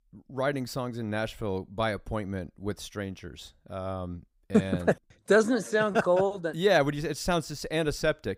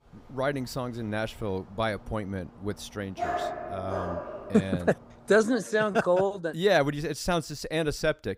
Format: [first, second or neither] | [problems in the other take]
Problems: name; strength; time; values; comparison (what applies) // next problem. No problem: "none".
first | dog barking; noticeable; from 3 to 4.5 s; peak 2 dB below the speech